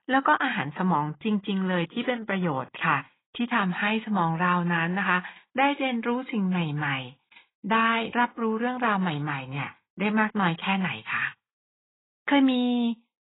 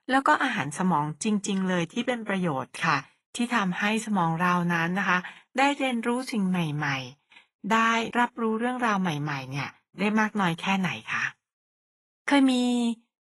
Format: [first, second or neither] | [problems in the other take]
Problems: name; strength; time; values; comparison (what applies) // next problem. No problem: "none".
second | garbled, watery; badly; nothing above 4 kHz; slightly in the second